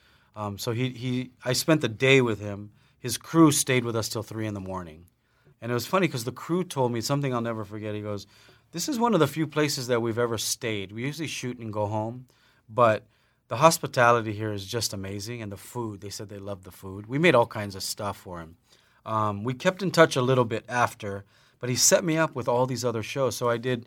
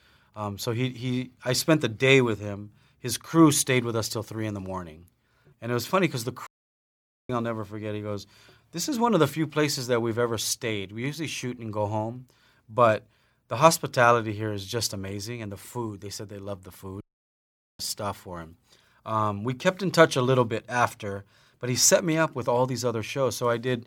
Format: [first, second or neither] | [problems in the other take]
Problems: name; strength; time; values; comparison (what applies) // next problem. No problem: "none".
first | audio cutting out; at 6.5 s for 1 s and at 17 s for 1 s